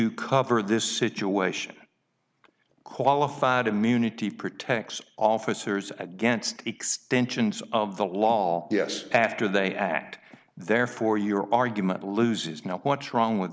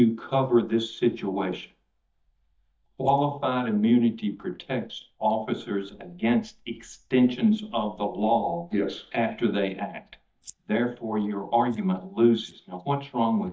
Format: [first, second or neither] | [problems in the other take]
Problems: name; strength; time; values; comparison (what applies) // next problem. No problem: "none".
first | noise reduction (neural mask model DeepFilterNet 3)